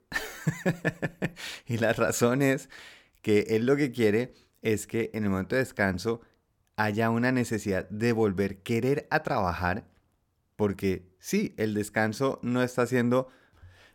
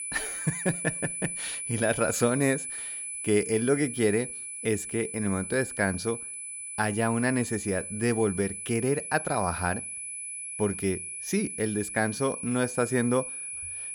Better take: first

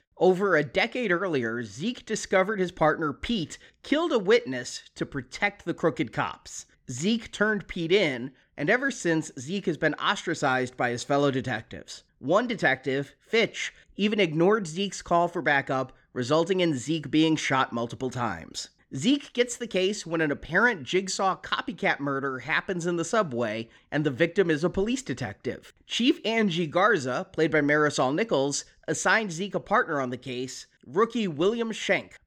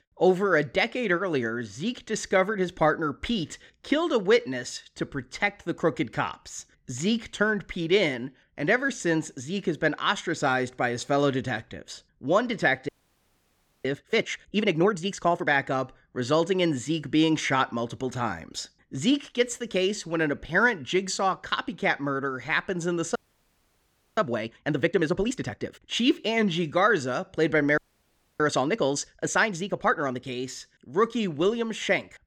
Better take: first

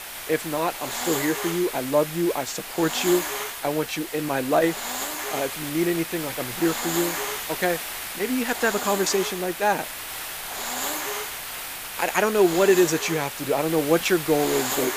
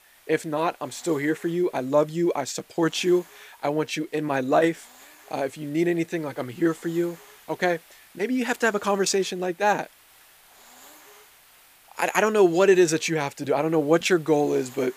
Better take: second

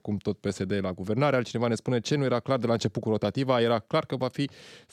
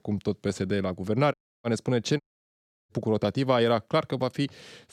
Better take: first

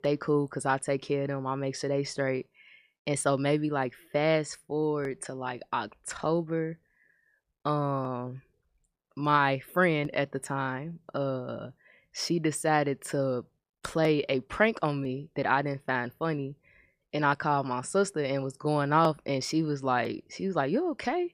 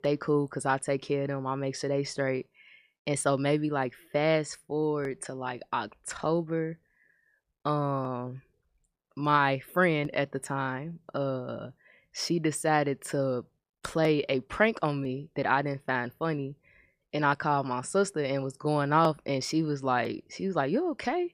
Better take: neither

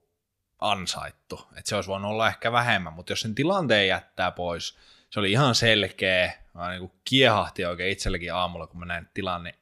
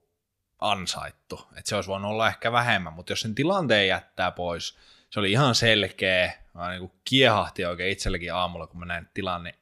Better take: neither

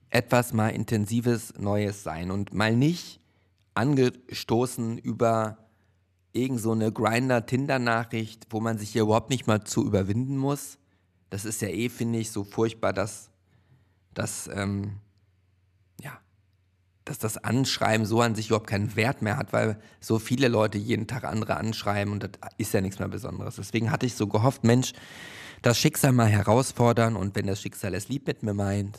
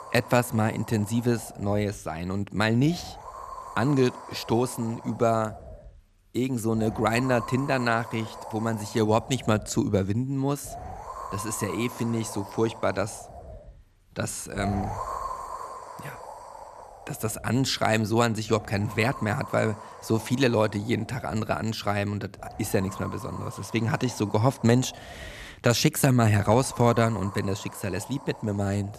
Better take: first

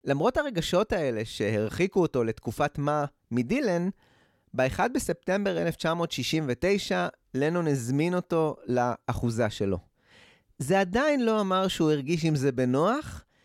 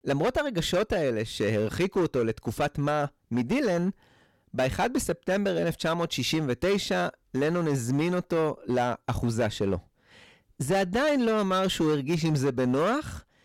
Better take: first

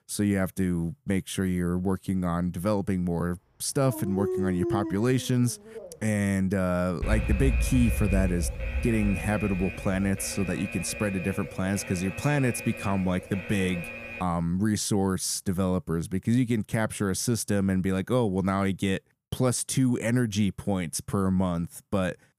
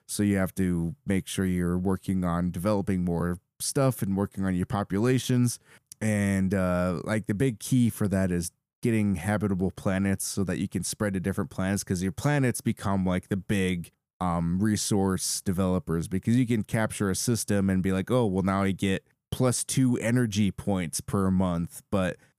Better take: second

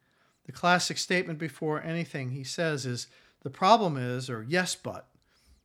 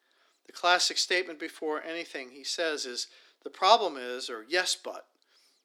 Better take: first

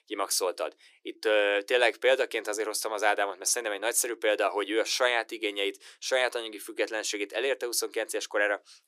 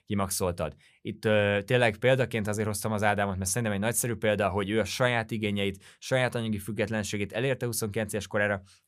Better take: second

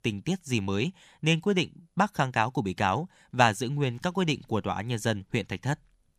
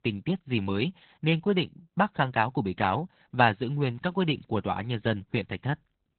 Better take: first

